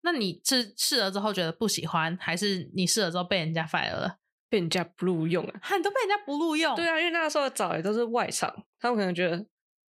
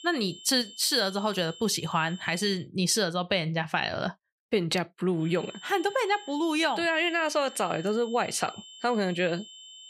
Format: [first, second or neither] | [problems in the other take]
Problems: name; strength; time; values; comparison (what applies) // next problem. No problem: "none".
first | high-pitched whine; noticeable; until 2.5 s and from 5 s on; 3 kHz, 20 dB below the speech